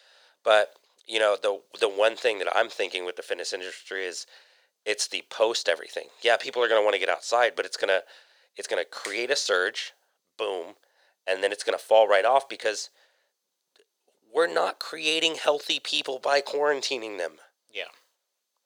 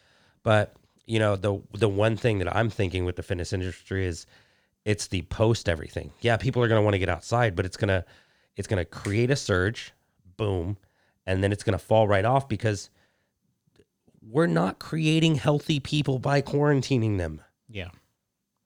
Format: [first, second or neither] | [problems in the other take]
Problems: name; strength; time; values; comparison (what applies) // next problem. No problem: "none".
second | thin; very; fading below 500 Hz